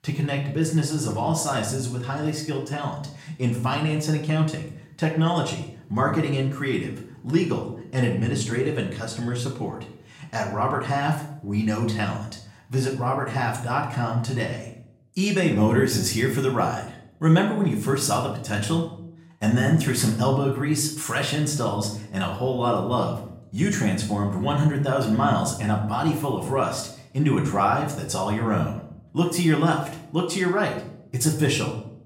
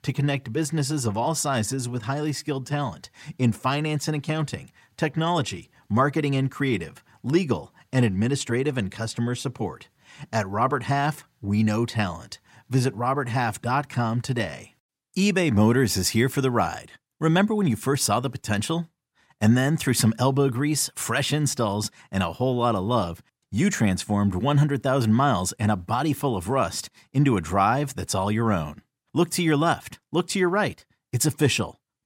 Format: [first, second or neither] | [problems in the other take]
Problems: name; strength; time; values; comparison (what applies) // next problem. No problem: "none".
second | room echo; slight; dies away in 0.5 s // off-mic speech; somewhat distant